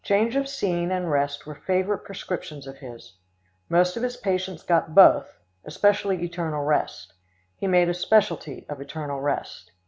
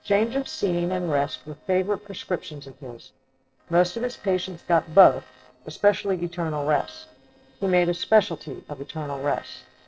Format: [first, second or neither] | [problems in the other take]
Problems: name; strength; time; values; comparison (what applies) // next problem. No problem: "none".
first | noise reduction (neural separator model SepFormer DNS4)